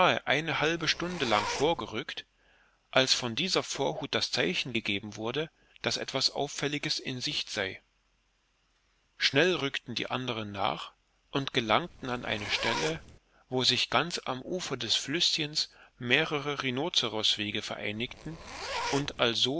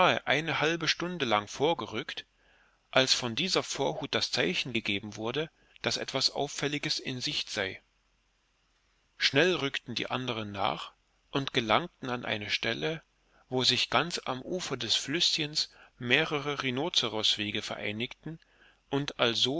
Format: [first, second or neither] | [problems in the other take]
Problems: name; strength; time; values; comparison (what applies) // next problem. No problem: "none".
second | background sound (Zipper (clothing)); 7 dB below the speech